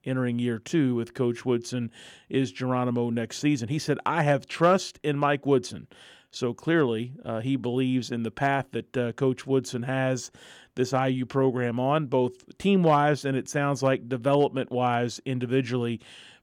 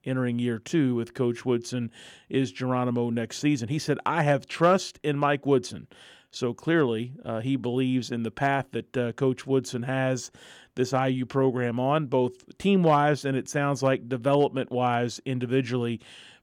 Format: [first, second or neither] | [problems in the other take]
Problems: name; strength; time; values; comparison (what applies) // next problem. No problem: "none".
neither | none